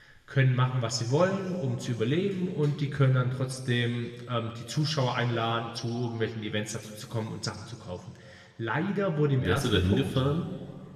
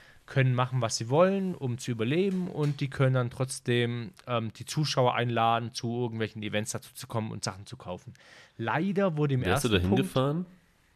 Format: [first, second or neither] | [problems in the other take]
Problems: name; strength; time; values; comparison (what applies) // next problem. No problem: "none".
second | room echo; slight; dies away in 1.8 s